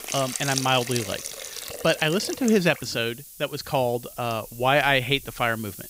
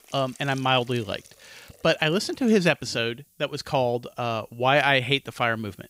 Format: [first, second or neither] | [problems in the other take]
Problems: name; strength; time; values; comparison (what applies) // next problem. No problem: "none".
second | hiss; loud; throughout; 10 dB below the speech; faint in the second